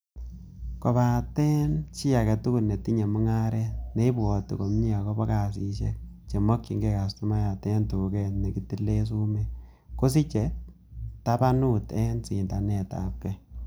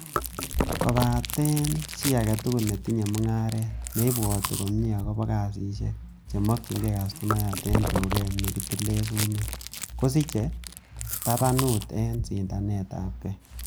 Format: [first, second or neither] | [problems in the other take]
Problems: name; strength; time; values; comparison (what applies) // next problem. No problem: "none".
first | background sound (Chewing, mastication); 7 dB below the speech